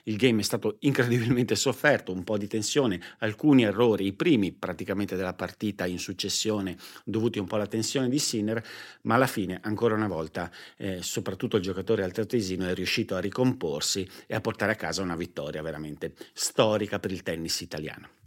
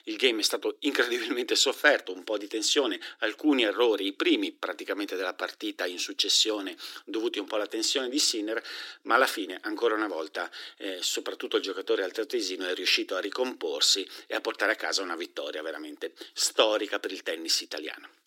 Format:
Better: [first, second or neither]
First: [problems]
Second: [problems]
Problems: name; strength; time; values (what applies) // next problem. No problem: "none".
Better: first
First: none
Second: thin; somewhat; fading below 300 Hz